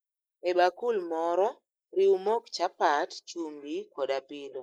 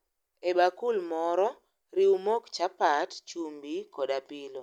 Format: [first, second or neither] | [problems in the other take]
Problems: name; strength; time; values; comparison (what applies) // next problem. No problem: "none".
second | noise reduction (neural mask model Resemble Enhance denoiser)